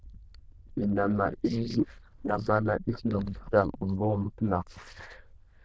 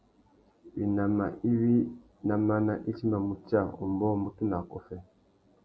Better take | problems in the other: second | noise reduction (neural diffusion model UNIVERSE++)

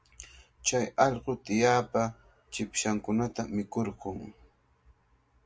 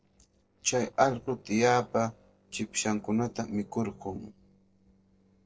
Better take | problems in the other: first | noise reduction (neural separator model SepFormer DNS4)

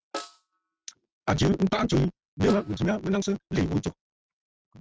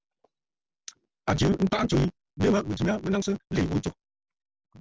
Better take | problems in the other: second | noise reduction (neural mask model RNNoise)

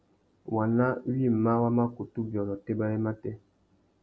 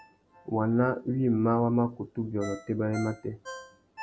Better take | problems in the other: first | background sound (Ringtone); 18 dB below the speech

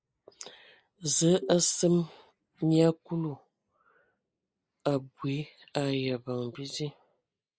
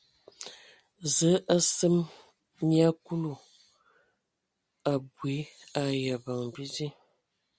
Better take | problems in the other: second | noise reduction (neural mask model Resemble Enhance denoiser)

